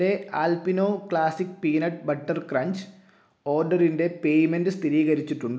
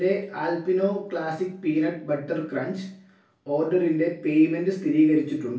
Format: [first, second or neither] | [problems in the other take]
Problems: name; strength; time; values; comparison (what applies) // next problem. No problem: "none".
first | room echo; dies away in 0.2 s